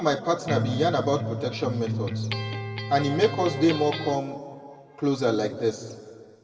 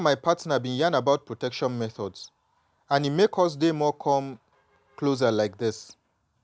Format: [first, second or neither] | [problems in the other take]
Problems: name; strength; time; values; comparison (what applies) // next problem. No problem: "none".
second | background sound (Electric guitar); 5 dB below the speech // room echo; dies away in 1.5 s